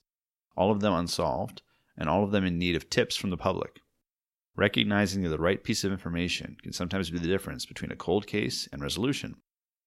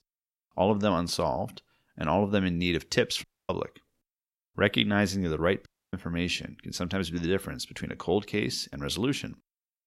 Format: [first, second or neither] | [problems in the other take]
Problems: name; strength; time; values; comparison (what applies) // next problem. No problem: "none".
first | audio cutting out; at 3 s and at 5.5 s